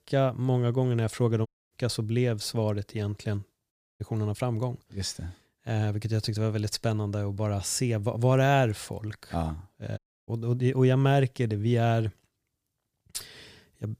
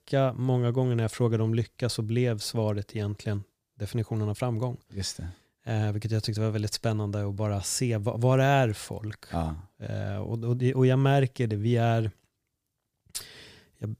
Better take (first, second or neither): second